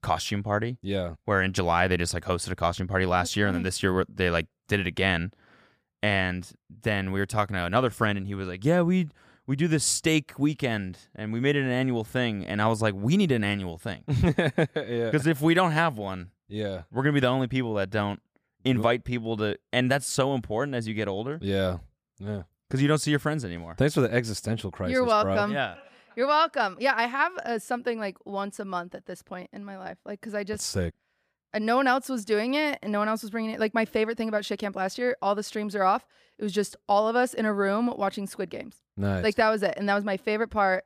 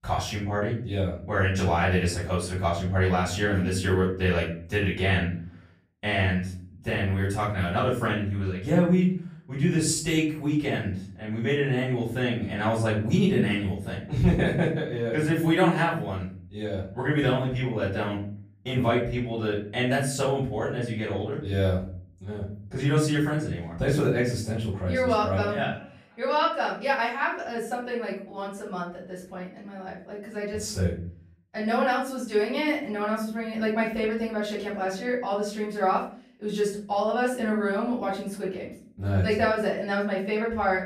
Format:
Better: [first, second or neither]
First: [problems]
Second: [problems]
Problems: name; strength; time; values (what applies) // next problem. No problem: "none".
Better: first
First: none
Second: off-mic speech; far // room echo; noticeable; dies away in 0.4 s